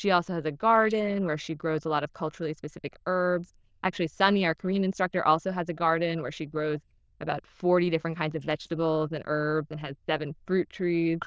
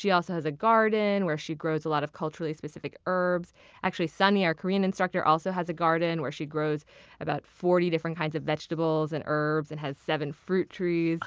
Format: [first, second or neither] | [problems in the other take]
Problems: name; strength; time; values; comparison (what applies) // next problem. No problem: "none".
second | noise reduction (neural diffusion model UNIVERSE++)